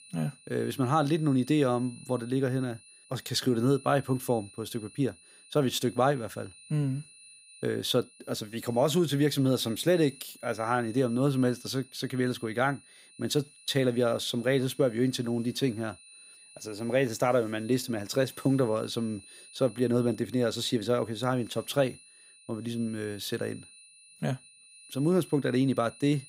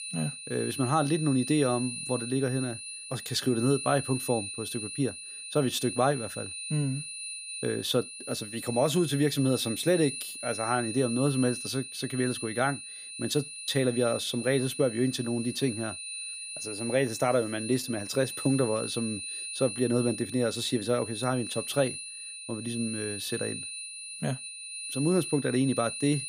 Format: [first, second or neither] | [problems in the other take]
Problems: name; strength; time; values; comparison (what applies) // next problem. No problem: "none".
first | high-pitched whine; loud; throughout; 9.5 kHz, 7 dB below the speech; faint in the first